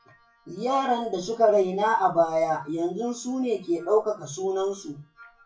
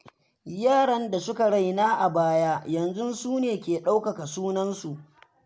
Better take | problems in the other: second | noise reduction (classical method WPE with log-MMSE)

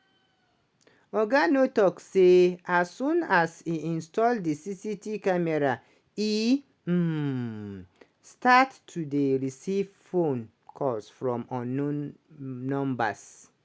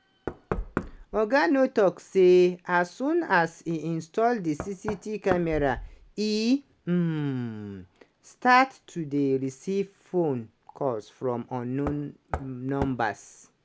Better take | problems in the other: first | background sound (Knock); 14 dB below the speech

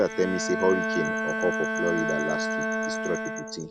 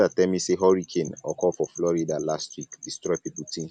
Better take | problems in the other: second | background sound (Bowed string instrument); as loud as the speech

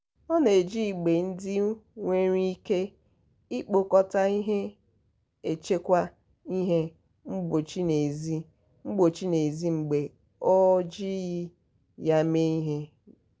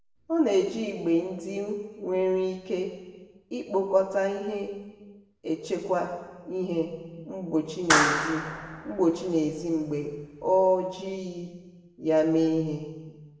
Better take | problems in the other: first | background sound (Clapping); 3 dB below the speech // room echo; dies away in 1.2 s

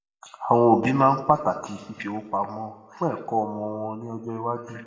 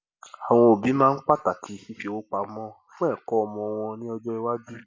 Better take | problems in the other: second | room echo; dies away in 1.2 s

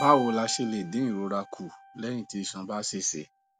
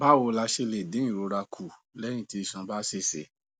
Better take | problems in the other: second | background sound (Keyboard (musical)); 14 dB below the speech

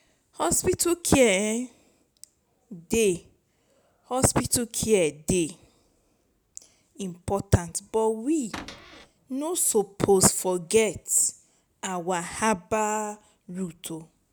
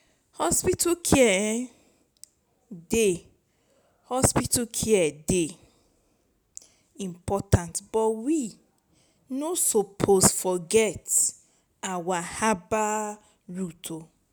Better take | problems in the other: second | background sound (Cupboard open or close / Door); 14 dB below the speech

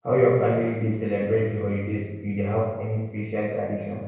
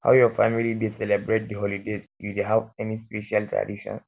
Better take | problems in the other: second | room echo; dies away in 1 s

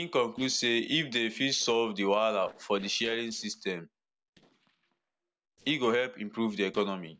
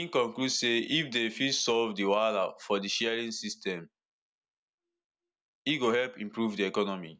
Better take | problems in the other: second | noise reduction (neural separator model SepFormer DNS4)

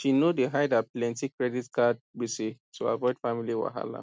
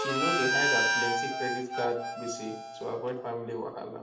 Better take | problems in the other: first | background sound (Harmonica); 2 dB above the speech // room echo; dies away in 0.6 s

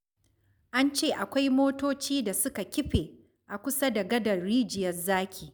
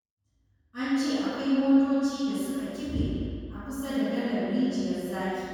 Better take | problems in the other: first | room echo; dies away in 2.1 s

